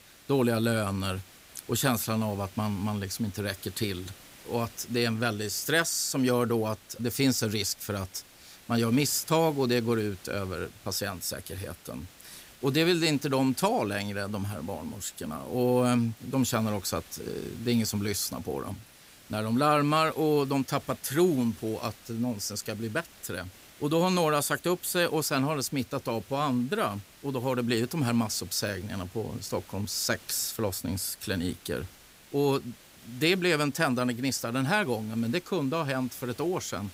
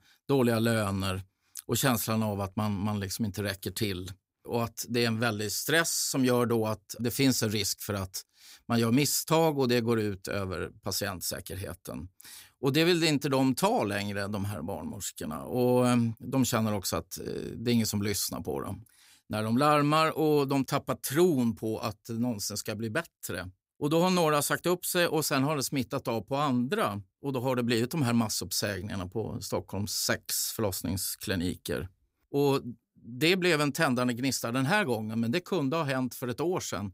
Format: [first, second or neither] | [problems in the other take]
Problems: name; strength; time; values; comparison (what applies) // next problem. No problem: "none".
second | hiss; faint; throughout; 20 dB below the speech